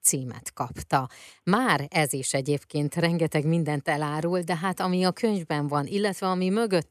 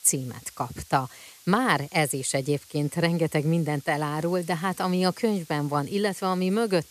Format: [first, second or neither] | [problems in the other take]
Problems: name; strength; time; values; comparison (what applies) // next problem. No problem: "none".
first | hiss; faint; throughout; 20 dB below the speech